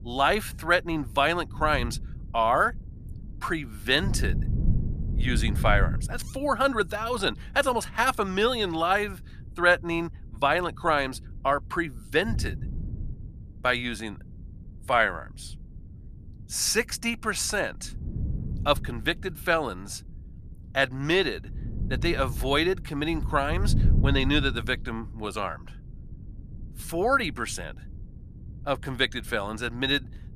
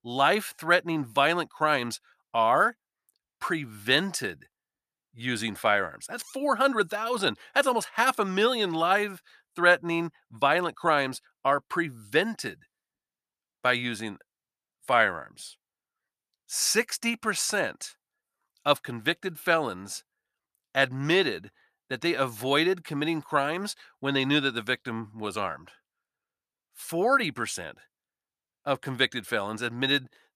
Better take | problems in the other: second | wind noise on the microphone; occasional gusts; 20 dB below the speech

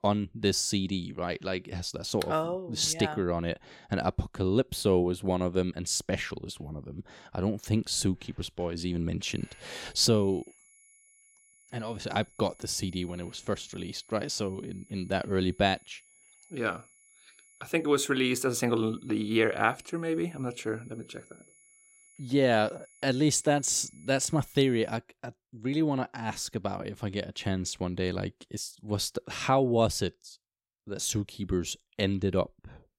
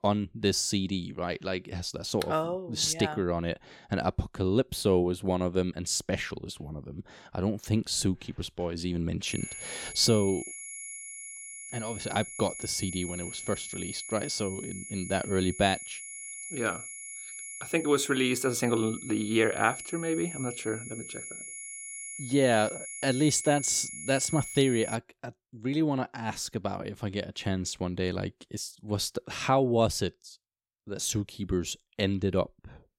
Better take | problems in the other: first | high-pitched whine; loud; from 9.5 to 25 s; 2 kHz, 9 dB below the speech; faint in the first

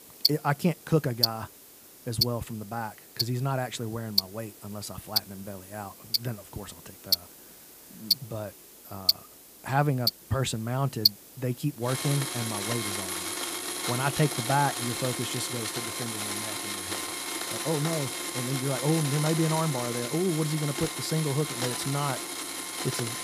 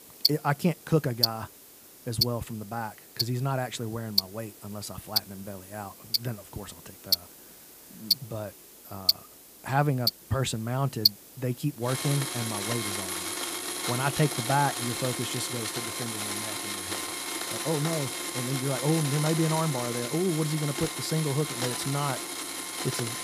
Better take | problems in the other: neither | household noises; very loud; throughout; 1 dB above the speech; the same in both

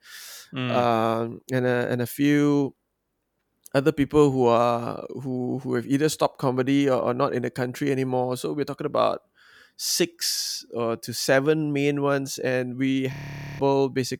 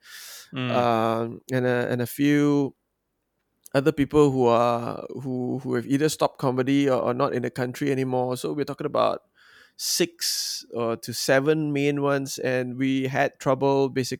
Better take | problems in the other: second | audio freezing; at 13 s

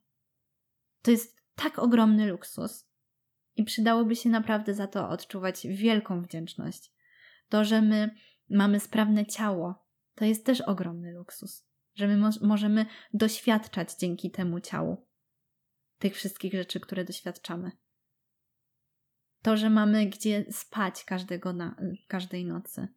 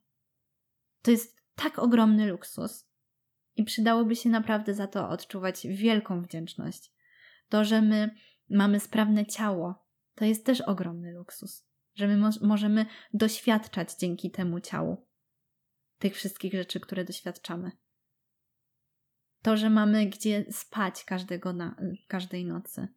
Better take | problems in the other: neither | none

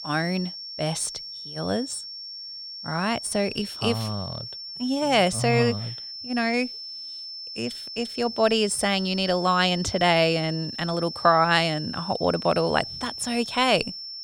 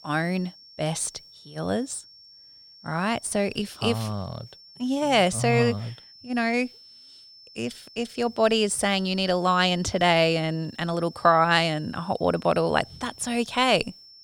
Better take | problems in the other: second | high-pitched whine; loud; throughout; 5.5 kHz, 9 dB below the speech; faint in the second

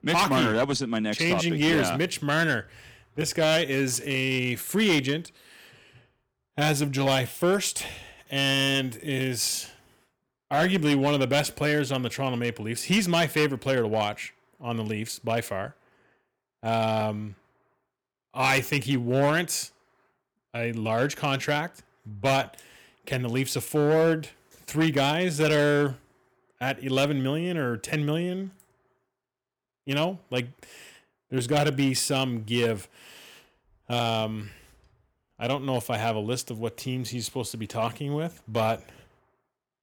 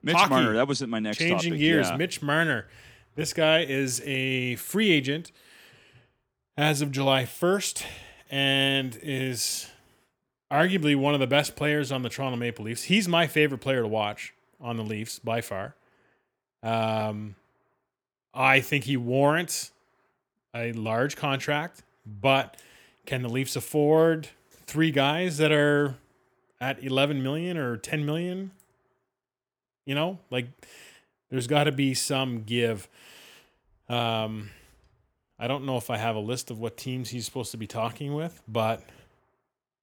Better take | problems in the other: second | distortion; slight; 4% of the sound clipped

